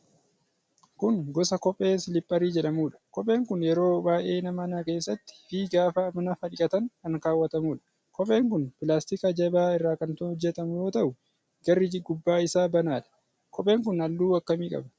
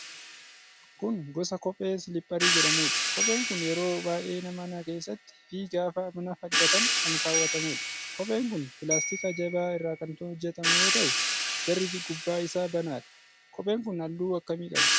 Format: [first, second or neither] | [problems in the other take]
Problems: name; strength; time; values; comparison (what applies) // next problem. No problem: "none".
first | background sound (Crash cymbal / Hi-hat + Bell); 1 dB above the speech